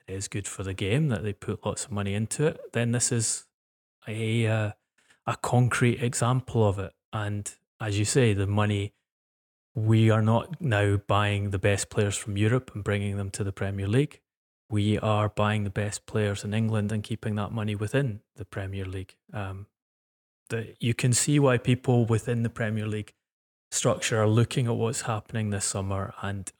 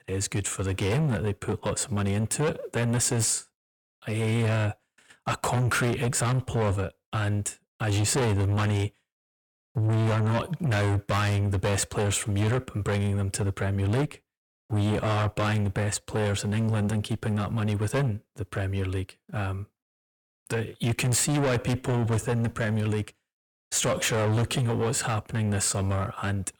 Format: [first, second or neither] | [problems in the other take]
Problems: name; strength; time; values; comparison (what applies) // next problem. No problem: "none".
first | distortion; heavy; 5 dB below the speech